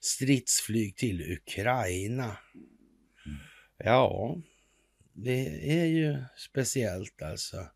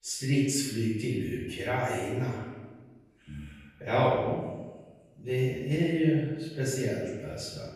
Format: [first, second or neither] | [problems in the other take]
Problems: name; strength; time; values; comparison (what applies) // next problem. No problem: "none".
first | off-mic speech; far // room echo; noticeable; dies away in 1.1 s